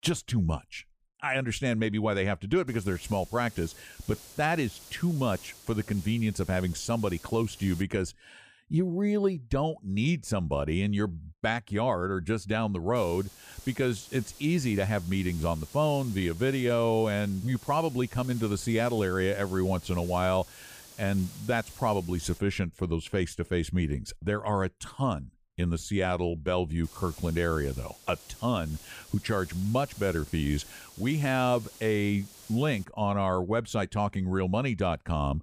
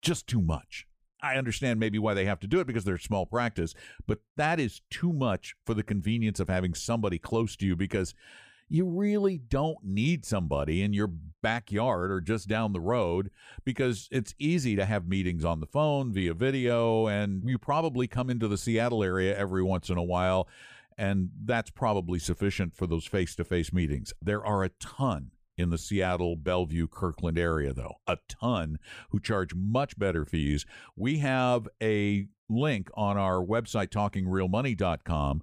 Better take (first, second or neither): second